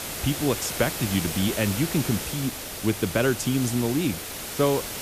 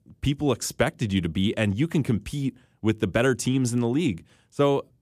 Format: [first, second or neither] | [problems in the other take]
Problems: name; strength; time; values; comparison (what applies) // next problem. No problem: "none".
second | hiss; loud; throughout; 5 dB below the speech